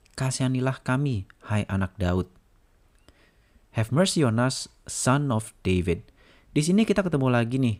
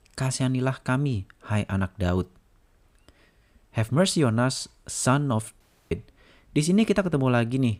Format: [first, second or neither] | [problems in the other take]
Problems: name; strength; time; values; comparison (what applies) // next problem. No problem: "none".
first | audio cutting out; at 5.5 s